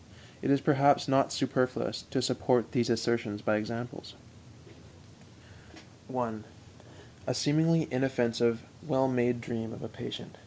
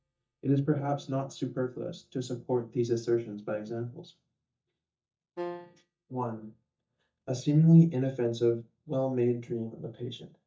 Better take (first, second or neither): first